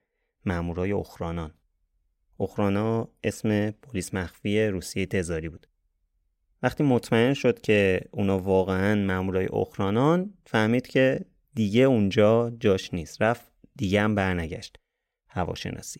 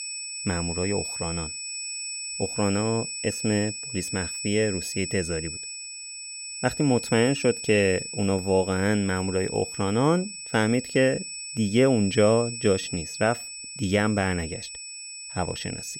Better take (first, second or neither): first